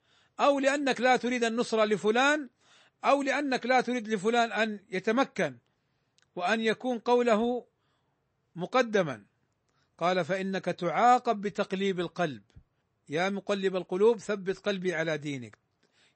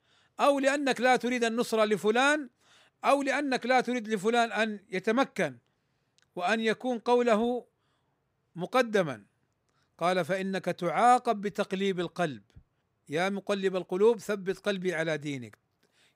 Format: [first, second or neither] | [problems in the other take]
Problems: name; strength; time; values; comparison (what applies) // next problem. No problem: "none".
second | garbled, watery; slightly; nothing above 8 kHz